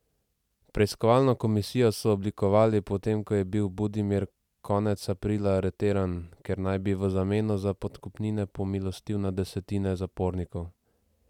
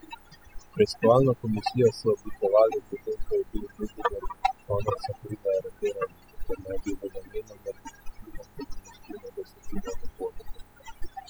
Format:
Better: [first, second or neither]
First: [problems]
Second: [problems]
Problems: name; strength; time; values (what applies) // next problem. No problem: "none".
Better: first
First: none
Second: noise reduction (classical method spectral subtraction)